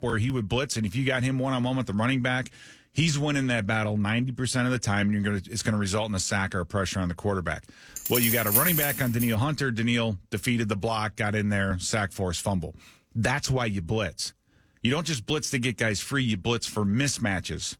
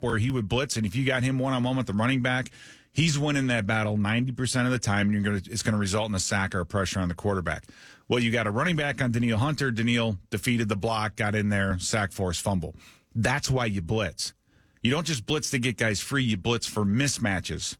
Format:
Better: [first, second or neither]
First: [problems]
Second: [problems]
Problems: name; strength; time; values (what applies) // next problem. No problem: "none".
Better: second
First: jangling keys; loud; from 8 to 9.5 s; peak 5 dB above the speech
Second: none